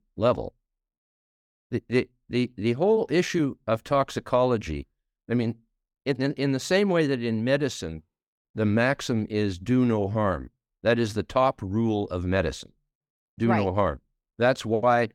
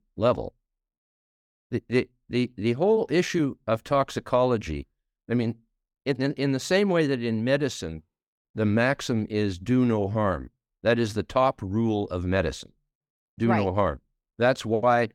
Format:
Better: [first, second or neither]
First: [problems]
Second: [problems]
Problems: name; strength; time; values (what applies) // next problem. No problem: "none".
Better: neither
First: none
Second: none